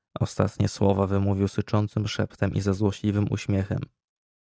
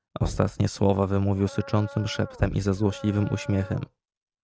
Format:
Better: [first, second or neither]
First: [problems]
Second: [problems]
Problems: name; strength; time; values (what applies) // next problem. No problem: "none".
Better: first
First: none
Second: background sound (Dog + Knock); 13 dB below the speech